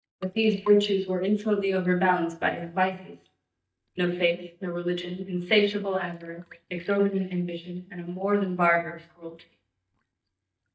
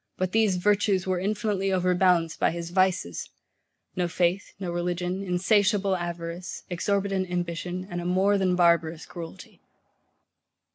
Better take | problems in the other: second | noise reduction (neural mask model DeepFilterNet 3)

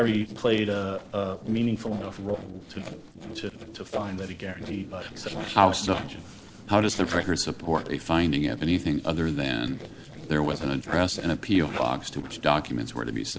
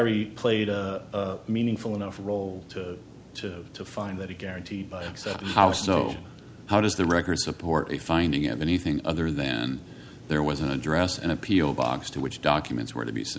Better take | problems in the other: second | noise reduction (neural separator model SepFormer DNS4)

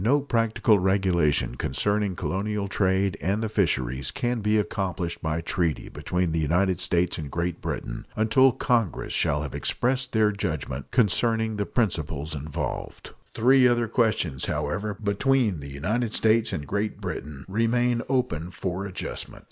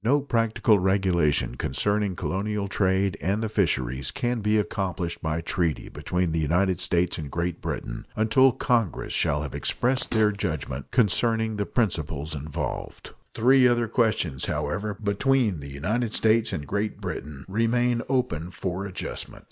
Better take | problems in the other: first | noise reduction (neural mask model DeepFilterNet 3)

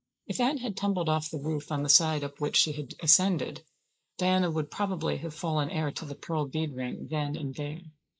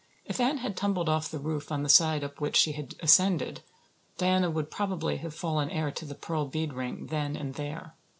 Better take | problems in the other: second | noise reduction (neural mask model Resemble Enhance denoiser)

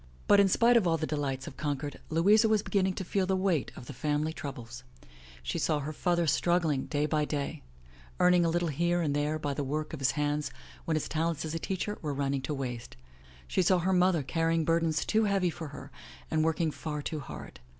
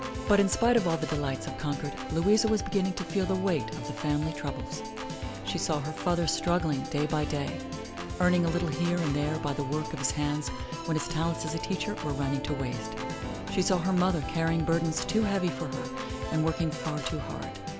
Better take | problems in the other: first | background sound (Organ); 6 dB below the speech

